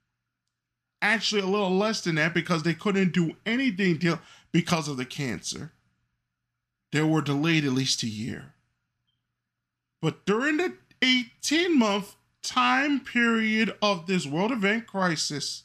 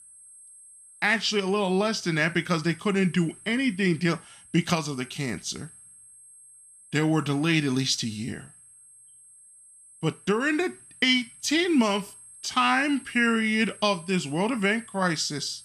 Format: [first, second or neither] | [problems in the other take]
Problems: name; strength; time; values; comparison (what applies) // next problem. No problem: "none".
first | high-pitched whine; faint; throughout; 8.5 kHz, 20 dB below the speech